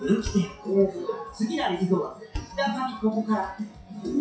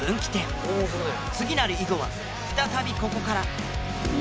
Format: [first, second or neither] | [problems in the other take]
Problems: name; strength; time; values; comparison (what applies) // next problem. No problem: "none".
second | noise reduction (classical method WPE with log-MMSE)